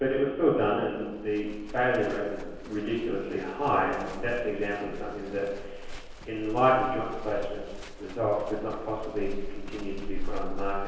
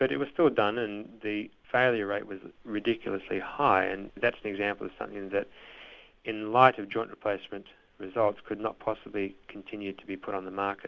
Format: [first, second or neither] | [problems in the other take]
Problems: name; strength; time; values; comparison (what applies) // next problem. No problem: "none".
second | background sound (Livestock, farm animals, working animals); 6 dB below the speech // room echo; dies away in 1.2 s